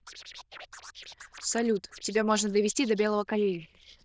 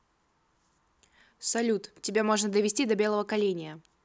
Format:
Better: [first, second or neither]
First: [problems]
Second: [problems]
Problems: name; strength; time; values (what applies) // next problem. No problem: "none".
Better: second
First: noise reduction (neural diffusion model UNIVERSE++)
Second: none